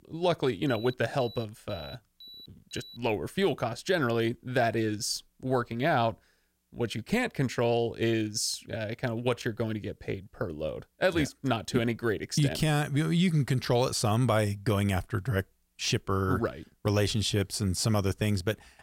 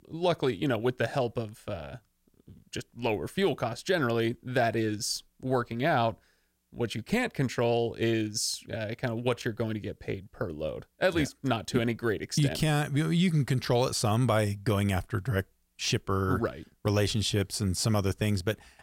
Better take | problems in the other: second | alarm; faint; from 0.5 to 3 s; peak 15 dB below the speech

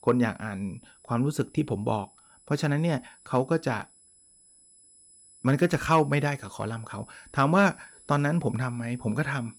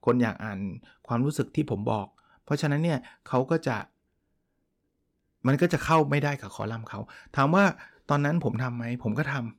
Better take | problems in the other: second | high-pitched whine; faint; throughout; 10 kHz, 25 dB below the speech

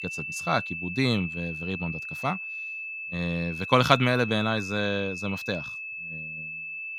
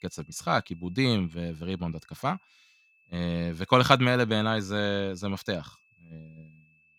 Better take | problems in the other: second | high-pitched whine; loud; throughout; 2.5 kHz, 6 dB below the speech; faint in the second

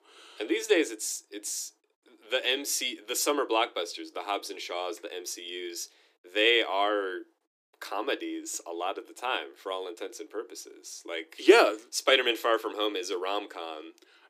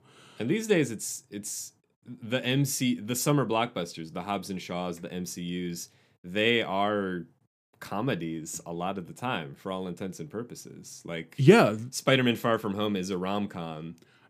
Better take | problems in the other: second | thin; very; fading below 300 Hz

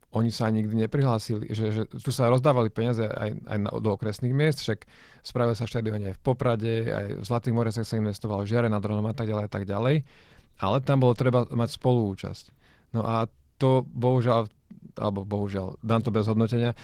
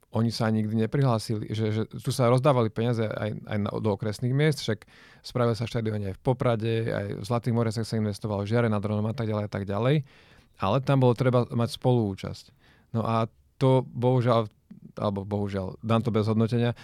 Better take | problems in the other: second | garbled, watery; slightly; nothing above 18.5 kHz

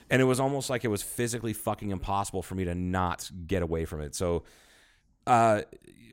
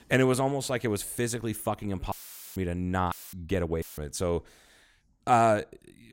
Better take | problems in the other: first | audio cutting out; filled with static; at 2 s, at 3 s and at 4 s

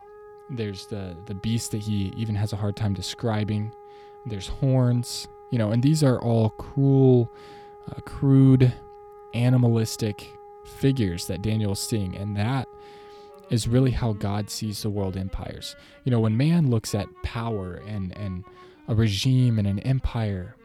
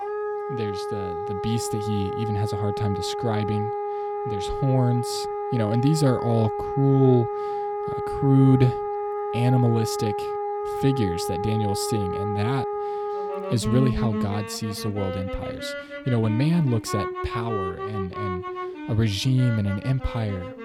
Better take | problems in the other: first | background music; loud; throughout; 5 dB below the speech; faint in the first

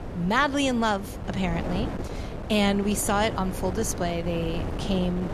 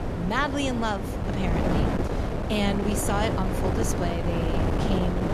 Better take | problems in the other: first | wind noise on the microphone; heavy; 1 dB below the speech; occasional gusts in the first

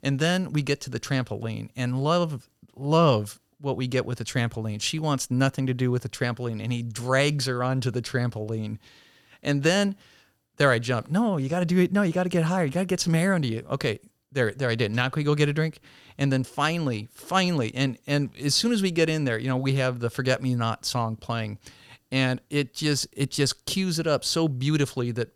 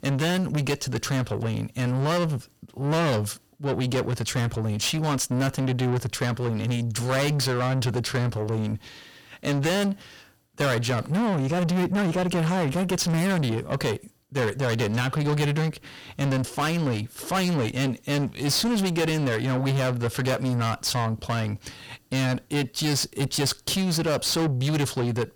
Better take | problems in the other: first | distortion; heavy; 7 dB below the speech

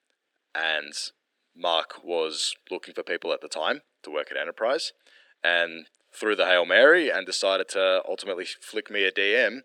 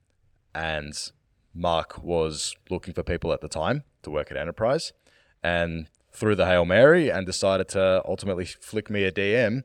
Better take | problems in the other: second | thin; somewhat; fading below 300 Hz

